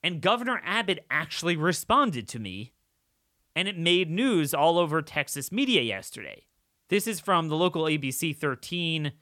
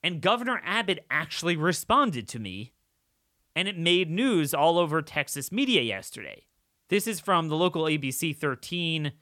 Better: neither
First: none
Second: none

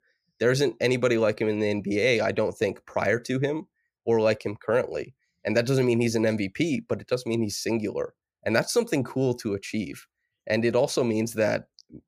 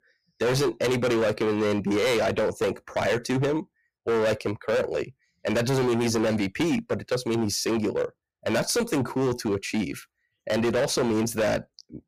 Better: first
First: none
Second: distortion; heavy; 19% of the sound clipped

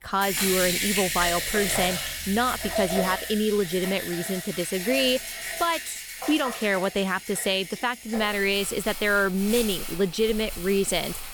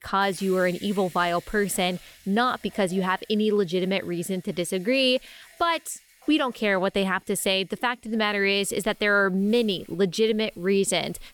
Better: second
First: household noises; loud; throughout; 4 dB below the speech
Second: household noises; faint; throughout; 25 dB below the speech

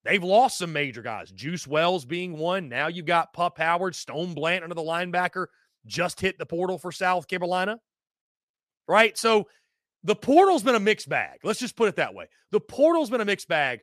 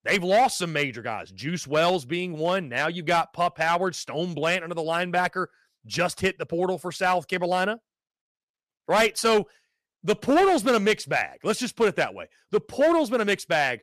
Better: first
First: none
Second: distortion; slight; 4% of the sound clipped

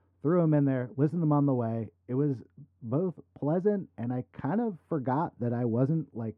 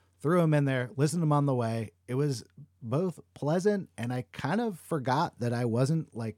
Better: second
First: muffled; very; fading above 3 kHz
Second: none

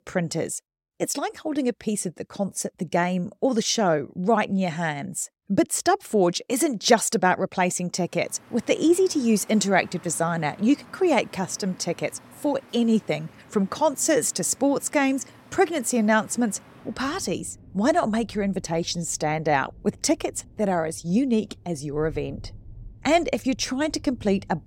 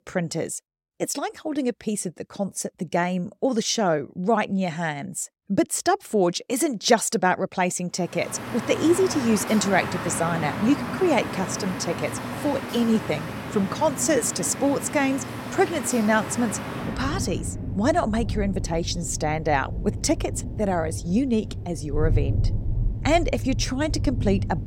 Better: first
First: rain or running water; faint; from 8 s on; 25 dB below the speech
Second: rain or running water; loud; from 8 s on; 6 dB below the speech

